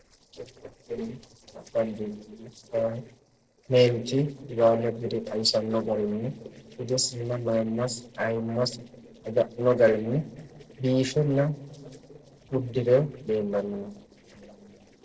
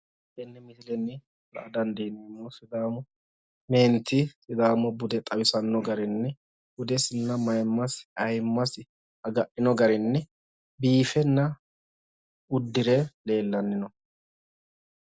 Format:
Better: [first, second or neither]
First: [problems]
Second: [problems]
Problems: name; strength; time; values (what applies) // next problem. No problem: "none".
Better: second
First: noise reduction (neural separator model SepFormer DNS4)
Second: none